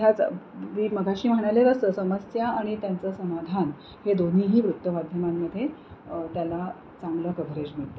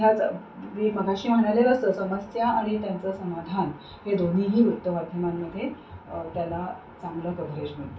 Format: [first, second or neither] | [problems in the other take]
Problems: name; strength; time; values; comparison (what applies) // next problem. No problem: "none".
first | room echo; dies away in 0.2 s